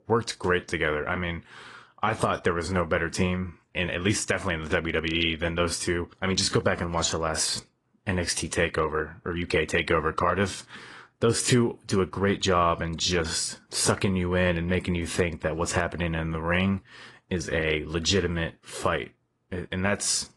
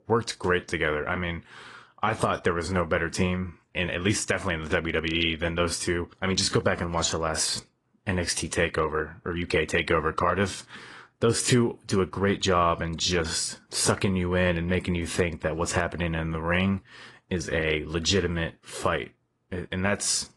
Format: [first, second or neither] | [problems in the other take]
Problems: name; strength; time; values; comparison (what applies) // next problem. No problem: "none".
neither | garbled, watery; slightly; nothing above 10.5 kHz; the same in both